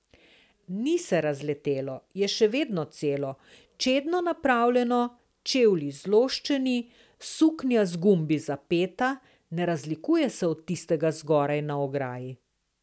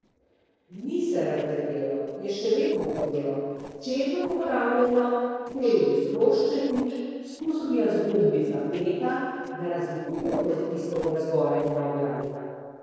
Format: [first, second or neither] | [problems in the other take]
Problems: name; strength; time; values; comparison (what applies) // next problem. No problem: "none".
first | noise reduction (neural separator model SepFormer DNS4)